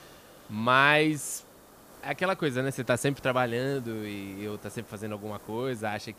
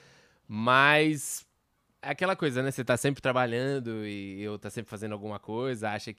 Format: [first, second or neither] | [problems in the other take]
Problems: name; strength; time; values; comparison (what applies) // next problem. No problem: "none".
second | hiss; faint; throughout; 20 dB below the speech